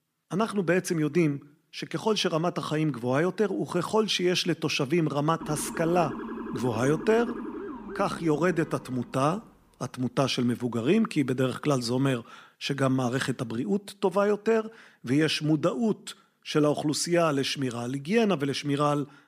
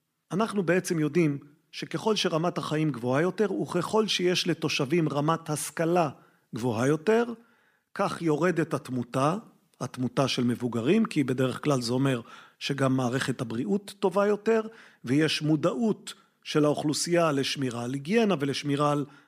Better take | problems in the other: second | siren; noticeable; from 5.5 to 9 s; peak 9 dB below the speech

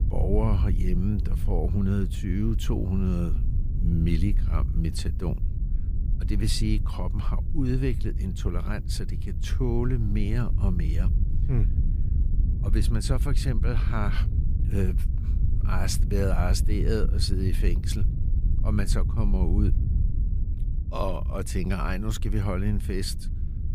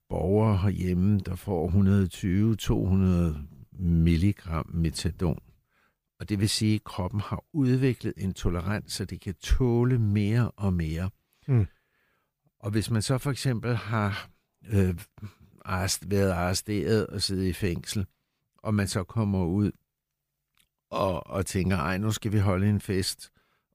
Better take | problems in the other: second | wind noise on the microphone; occasional gusts; 10 dB below the speech

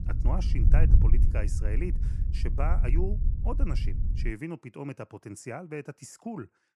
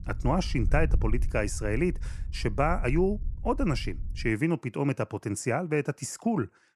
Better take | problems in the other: second | low rumble; loud; until 4.5 s; 6 dB below the speech; faint in the second

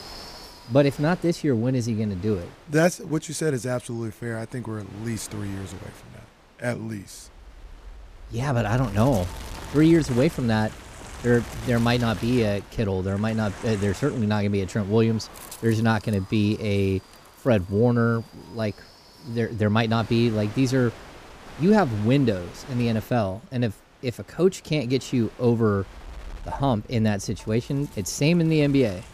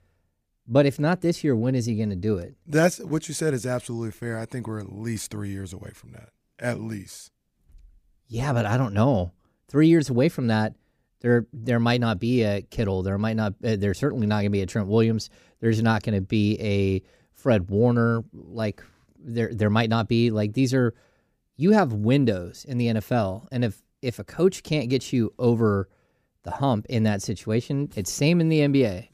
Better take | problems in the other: second | wind noise on the microphone; occasional gusts; 15 dB below the speech

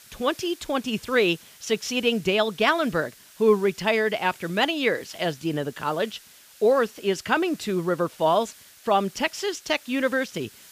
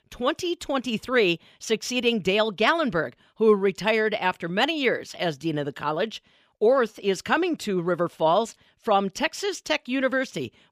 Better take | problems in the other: second | hiss; faint; throughout; 25 dB below the speech

